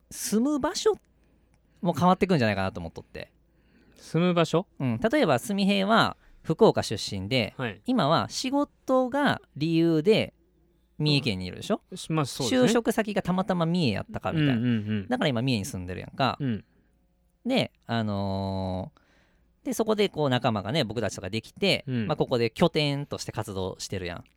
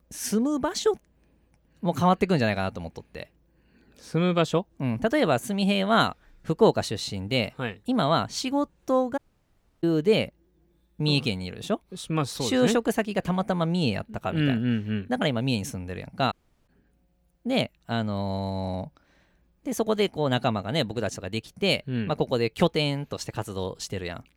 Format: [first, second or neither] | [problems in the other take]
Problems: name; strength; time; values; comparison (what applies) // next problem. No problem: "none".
first | audio cutting out; at 9 s for 0.5 s and at 16 s